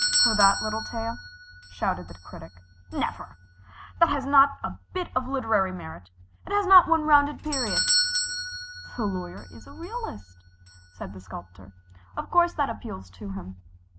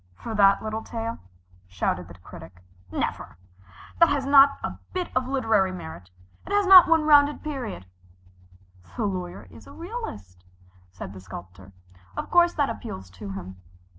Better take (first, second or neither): second